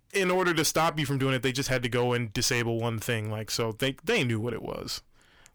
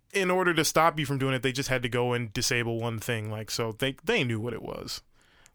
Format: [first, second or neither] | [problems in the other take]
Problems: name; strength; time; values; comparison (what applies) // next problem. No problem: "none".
second | distortion; slight; 5% of the sound clipped